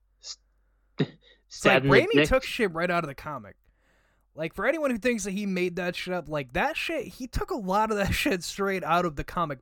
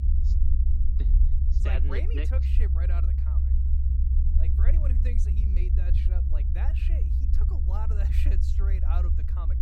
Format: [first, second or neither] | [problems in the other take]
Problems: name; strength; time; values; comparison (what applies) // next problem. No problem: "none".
first | low rumble; loud; throughout; 1 dB below the speech